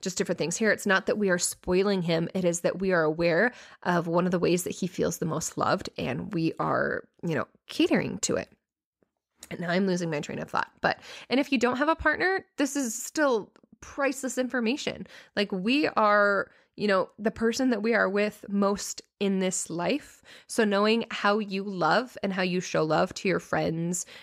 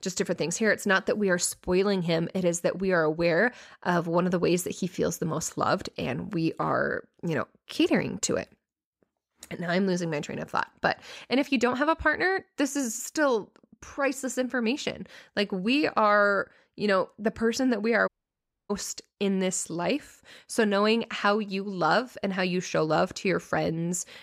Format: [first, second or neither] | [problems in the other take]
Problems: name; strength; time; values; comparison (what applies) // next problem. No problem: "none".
first | audio cutting out; at 18 s for 0.5 s